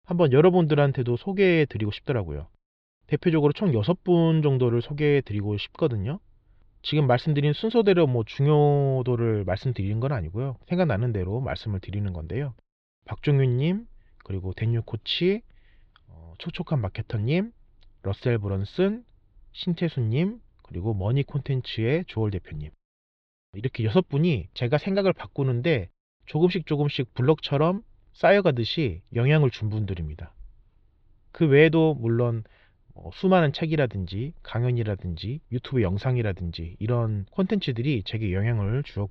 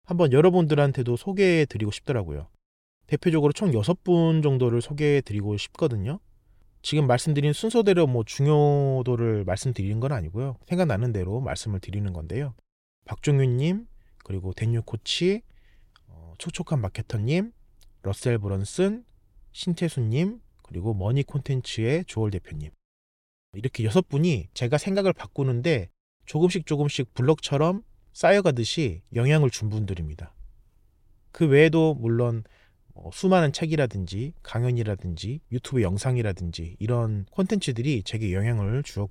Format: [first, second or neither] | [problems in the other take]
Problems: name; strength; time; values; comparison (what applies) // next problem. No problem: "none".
second | muffled; very slightly; fading above 4 kHz